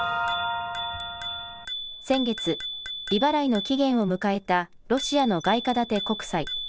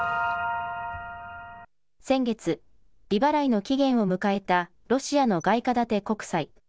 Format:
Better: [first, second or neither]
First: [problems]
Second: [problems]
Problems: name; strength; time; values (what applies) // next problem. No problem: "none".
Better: second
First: background sound (Bicycle bell); 10 dB below the speech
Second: none